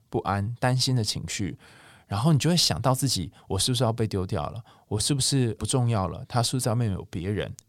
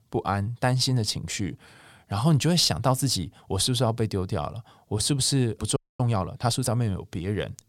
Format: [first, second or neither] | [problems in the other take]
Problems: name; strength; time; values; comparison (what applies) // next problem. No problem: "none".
first | audio freezing; at 6 s